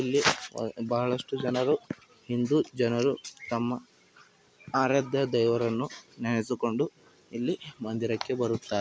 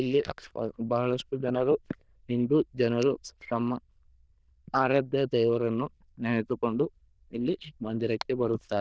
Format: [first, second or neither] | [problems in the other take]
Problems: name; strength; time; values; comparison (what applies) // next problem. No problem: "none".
first | noise reduction (neural diffusion model UNIVERSE++)